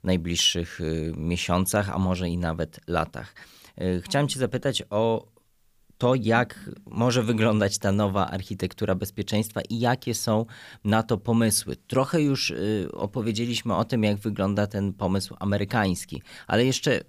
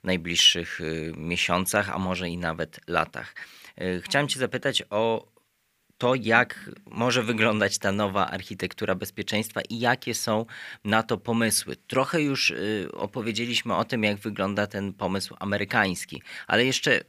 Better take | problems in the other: first | thin; very slightly; fading below 400 Hz

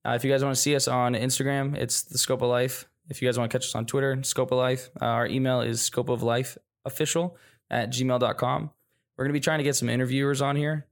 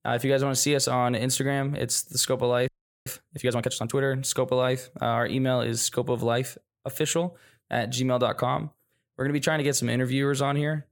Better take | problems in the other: first | audio freezing; at 2.5 s

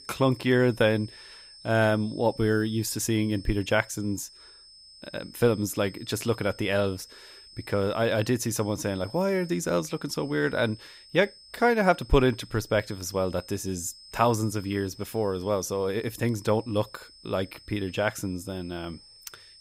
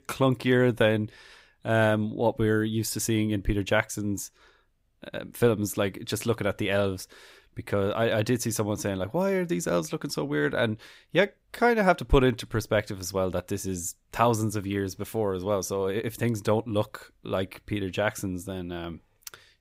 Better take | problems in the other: second | high-pitched whine; faint; throughout; 5.5 kHz, 20 dB below the speech

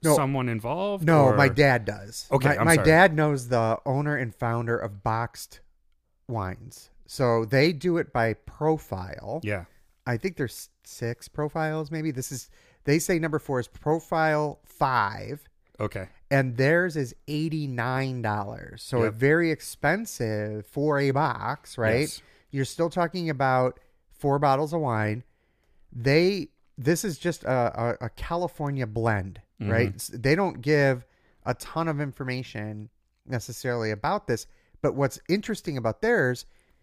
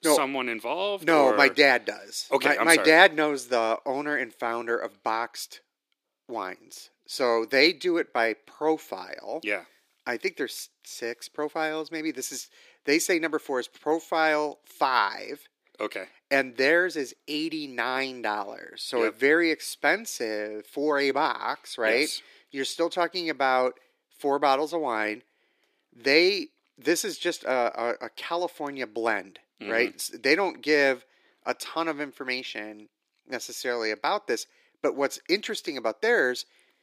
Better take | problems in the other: first | thin; somewhat; fading below 300 Hz

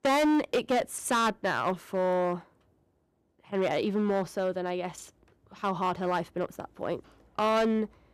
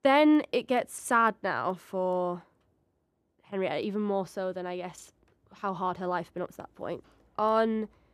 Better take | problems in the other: second | distortion; heavy; 8% of the sound clipped

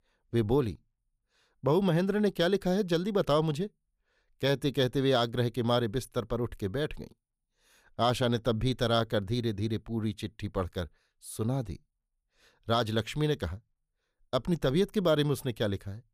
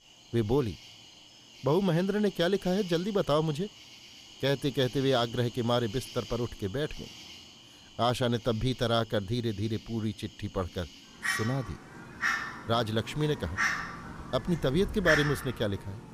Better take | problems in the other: first | animal sounds; loud; throughout; 7 dB below the speech

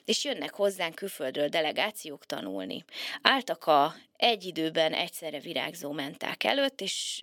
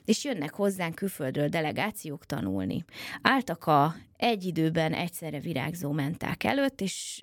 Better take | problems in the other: second | thin; somewhat; fading below 350 Hz

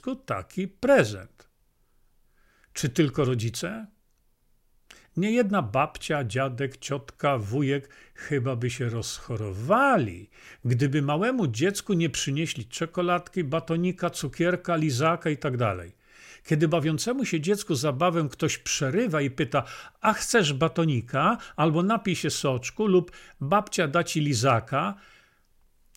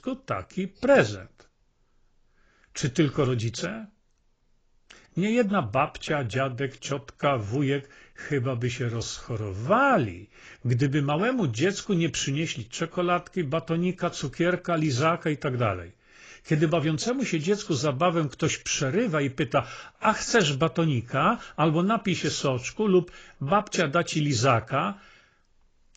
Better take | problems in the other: first | garbled, watery; badly; nothing above 7.5 kHz

